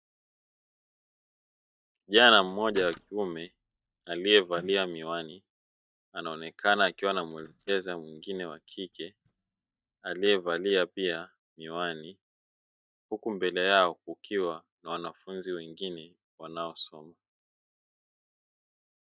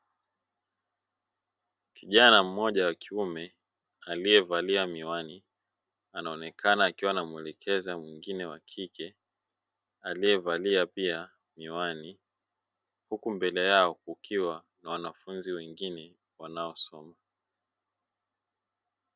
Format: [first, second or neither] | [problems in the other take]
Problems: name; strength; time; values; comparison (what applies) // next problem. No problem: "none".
second | noise reduction (neural mask model DeepFilterNet 3)